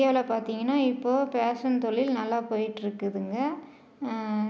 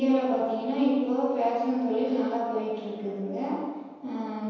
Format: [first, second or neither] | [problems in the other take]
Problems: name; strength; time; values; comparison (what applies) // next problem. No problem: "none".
first | room echo; dies away in 1.2 s